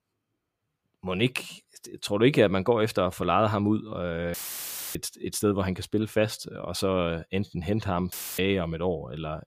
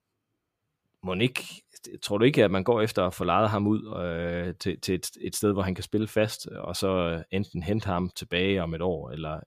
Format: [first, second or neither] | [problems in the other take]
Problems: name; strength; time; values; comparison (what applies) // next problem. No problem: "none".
second | audio cutting out; filled with static; at 4.5 s for 0.5 s and at 8 s